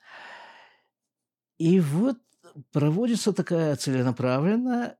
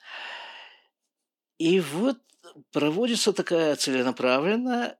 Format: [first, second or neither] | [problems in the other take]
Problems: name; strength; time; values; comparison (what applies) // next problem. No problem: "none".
first | thin; very slightly; fading below 300 Hz